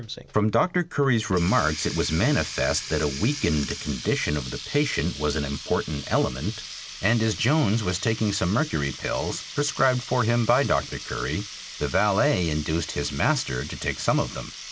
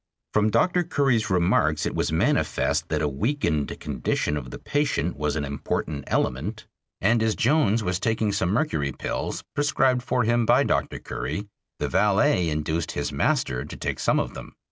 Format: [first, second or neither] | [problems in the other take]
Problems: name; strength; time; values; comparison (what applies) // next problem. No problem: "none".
second | background sound (Water tap, faucet); 13 dB below the speech